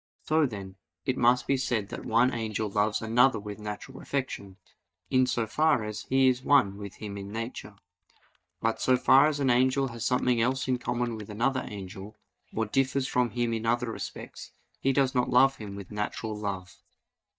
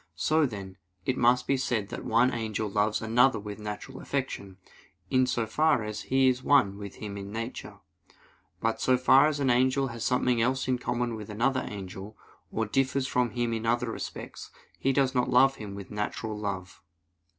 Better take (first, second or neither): second